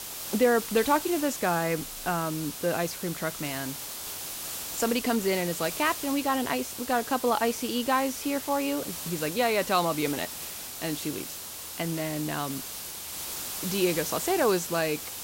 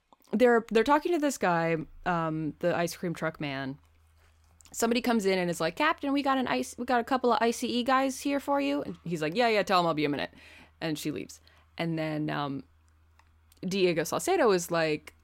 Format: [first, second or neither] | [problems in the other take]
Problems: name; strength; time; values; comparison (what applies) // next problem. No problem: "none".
second | hiss; loud; throughout; 6 dB below the speech